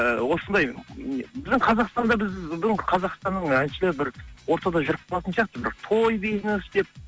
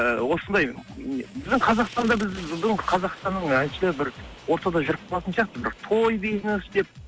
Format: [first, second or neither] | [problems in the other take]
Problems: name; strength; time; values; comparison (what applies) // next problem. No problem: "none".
first | background sound (Fire + Wild animals); 19 dB below the speech